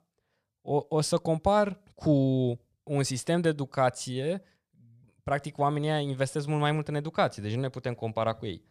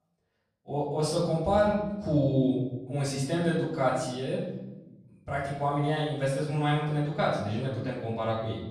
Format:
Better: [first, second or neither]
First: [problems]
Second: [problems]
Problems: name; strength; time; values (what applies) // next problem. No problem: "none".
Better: first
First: none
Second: off-mic speech; far // room echo; noticeable; dies away in 1 s